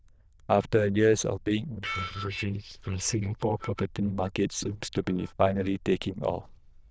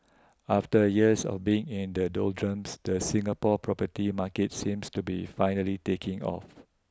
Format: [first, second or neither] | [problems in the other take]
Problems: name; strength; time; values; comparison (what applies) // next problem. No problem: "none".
second | noise reduction (neural diffusion model UNIVERSE++)